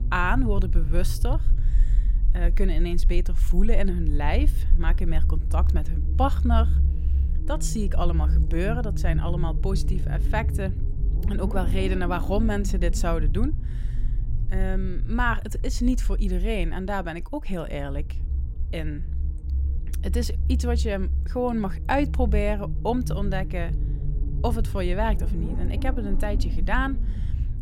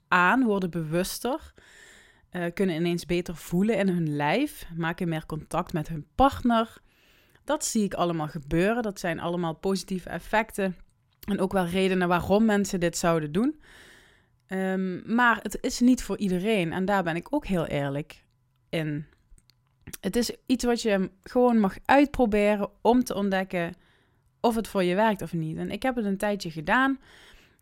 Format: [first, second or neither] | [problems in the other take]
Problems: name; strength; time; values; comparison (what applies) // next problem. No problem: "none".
second | low rumble; noticeable; throughout; 15 dB below the speech